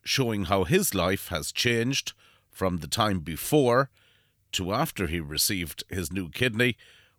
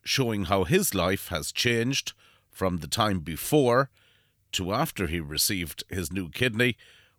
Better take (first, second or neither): neither